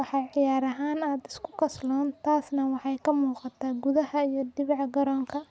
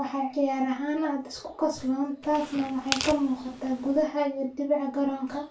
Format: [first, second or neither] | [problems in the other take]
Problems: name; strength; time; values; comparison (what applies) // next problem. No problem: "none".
first | background sound (Tearing); 9 dB below the speech // room echo; dies away in 0.2 s